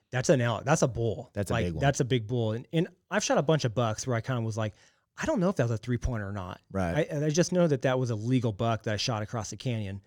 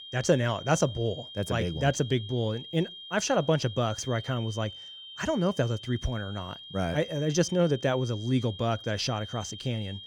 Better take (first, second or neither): first